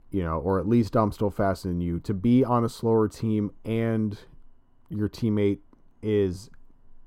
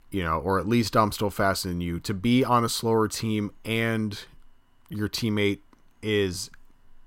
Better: second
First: muffled; slightly; fading above 1 kHz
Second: none

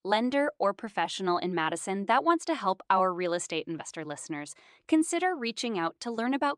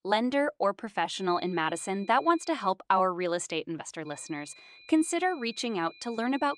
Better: first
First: none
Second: high-pitched whine; faint; from 1 to 2.5 s and from 4 s on; 2.5 kHz, 25 dB below the speech

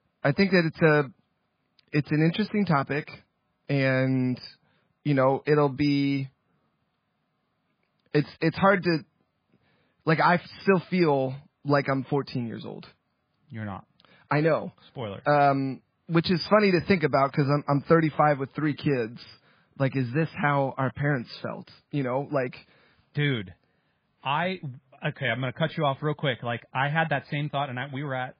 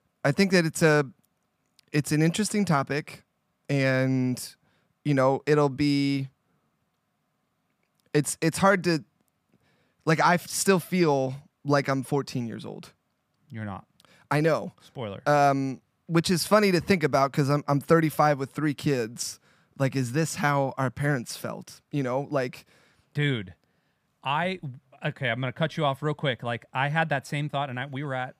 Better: second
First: garbled, watery; badly; nothing above 5 kHz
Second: none

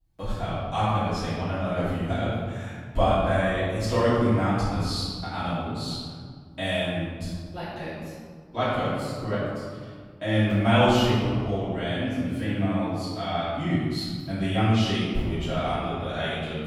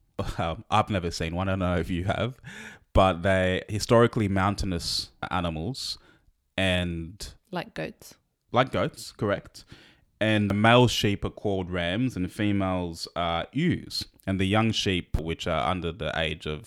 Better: second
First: off-mic speech; far // room echo; strong; dies away in 1.8 s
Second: none

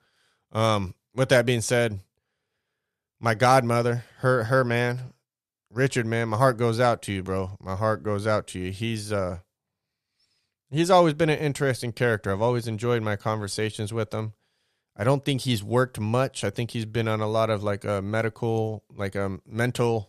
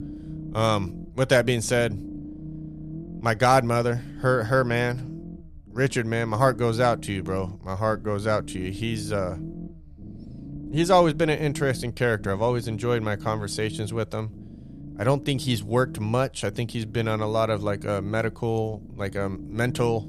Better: first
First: none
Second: low rumble; noticeable; throughout; 20 dB below the speech

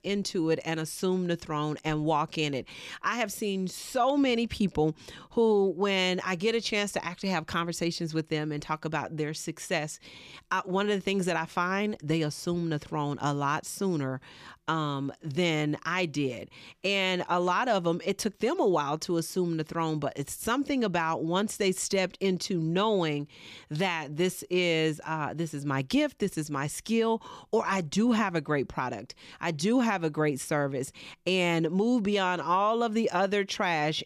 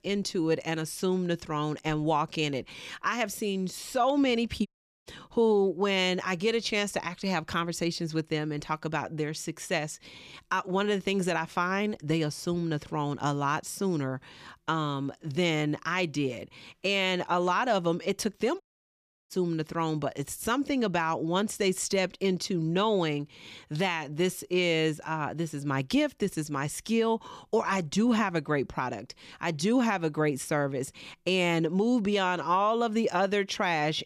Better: first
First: none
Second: audio cutting out; at 4.5 s and at 19 s for 0.5 s

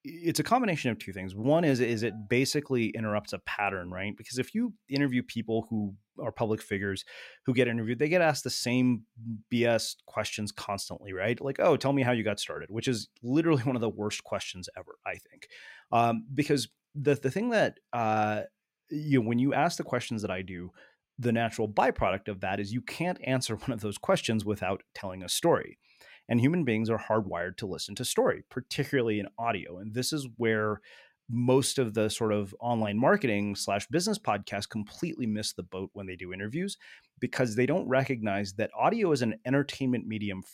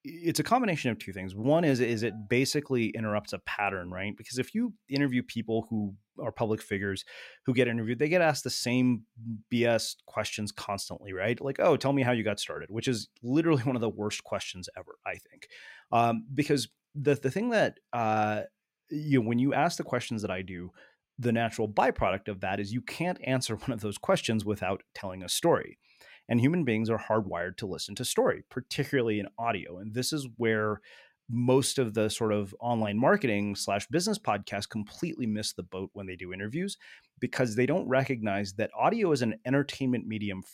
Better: neither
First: none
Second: none

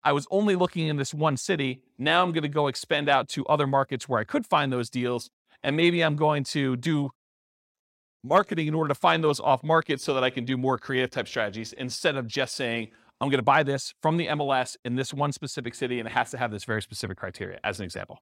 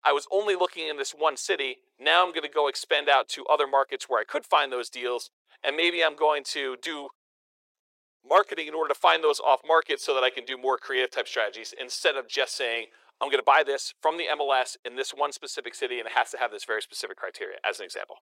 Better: first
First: none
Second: thin; very; fading below 400 Hz

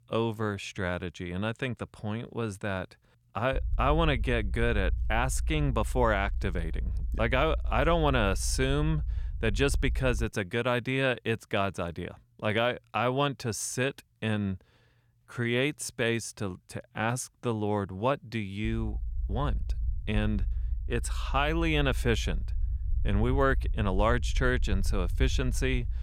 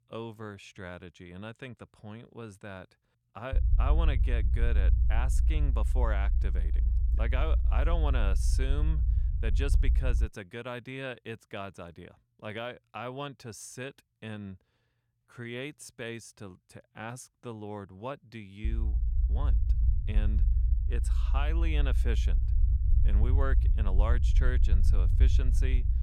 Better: first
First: low rumble; faint; from 3.5 to 10 s and from 19 s on; 25 dB below the speech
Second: low rumble; loud; from 3.5 to 10 s and from 19 s on; 9 dB below the speech

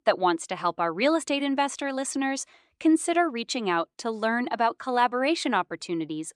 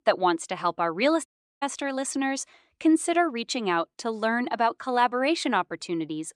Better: first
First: none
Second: audio cutting out; at 1.5 s

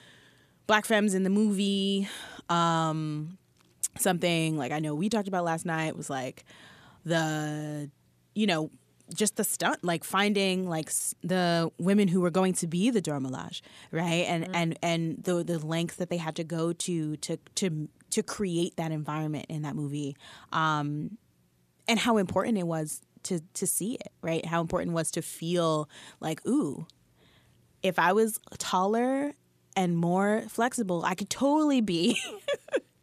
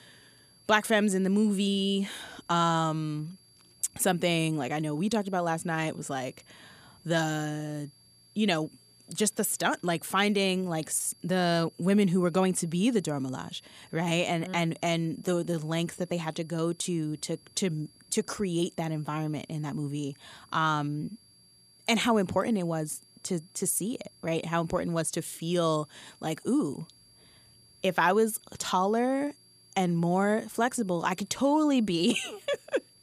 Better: first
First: none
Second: high-pitched whine; faint; throughout; 4.5 kHz, 30 dB below the speech

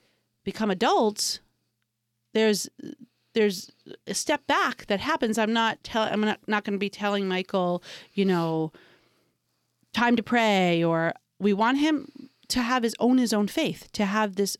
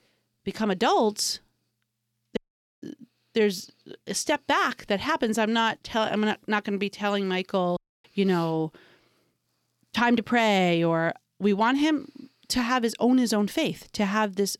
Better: first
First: none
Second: audio cutting out; at 2.5 s and at 8 s

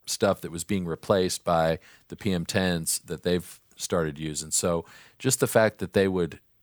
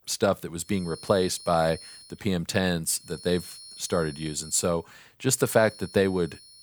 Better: first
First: none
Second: high-pitched whine; noticeable; from 0.5 to 2 s, from 3 to 4.5 s and from 5.5 s on; 4 kHz, 15 dB below the speech

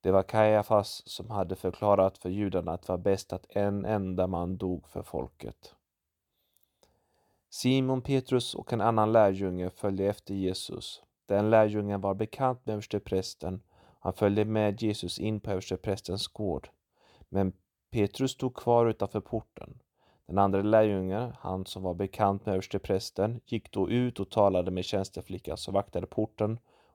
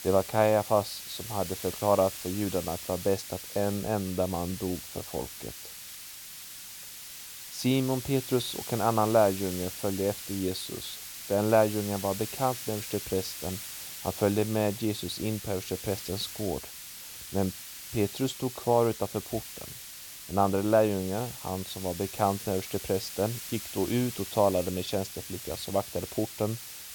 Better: first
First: none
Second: hiss; loud; throughout; 9 dB below the speech

